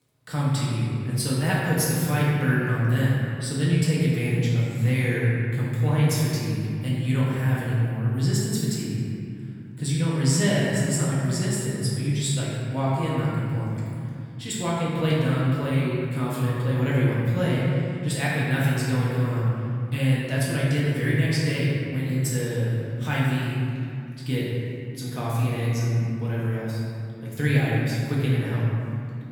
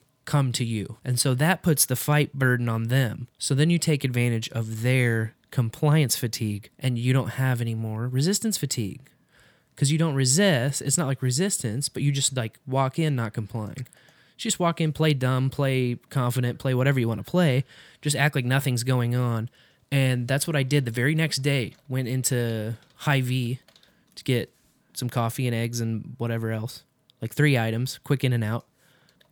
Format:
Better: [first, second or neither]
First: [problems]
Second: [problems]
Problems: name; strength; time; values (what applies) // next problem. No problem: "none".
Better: second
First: room echo; strong; dies away in 2.6 s // off-mic speech; far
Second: none